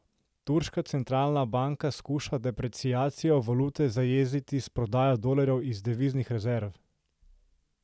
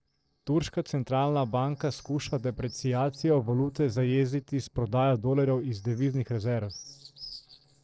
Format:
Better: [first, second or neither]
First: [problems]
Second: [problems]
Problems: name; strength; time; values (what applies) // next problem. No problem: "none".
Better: first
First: none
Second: noise reduction (neural separator model SepFormer DNS4)